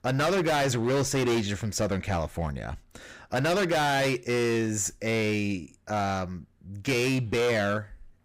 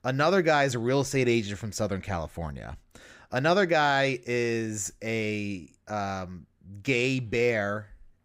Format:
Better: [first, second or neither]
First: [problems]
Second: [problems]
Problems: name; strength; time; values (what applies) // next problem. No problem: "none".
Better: second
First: distortion; heavy; 17% of the sound clipped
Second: none